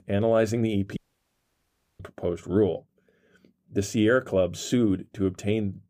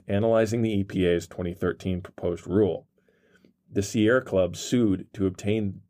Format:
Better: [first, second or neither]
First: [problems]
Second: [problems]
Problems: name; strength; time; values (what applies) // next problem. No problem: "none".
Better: second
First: audio cutting out; at 1 s for 1 s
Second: none